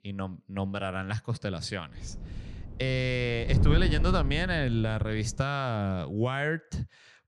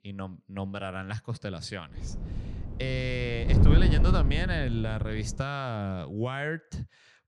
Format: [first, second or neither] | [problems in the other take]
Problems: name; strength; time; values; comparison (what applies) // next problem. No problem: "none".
first | wind noise on the microphone; heavy; from 2 to 5.5 s; 5 dB below the speech; occasional gusts in the first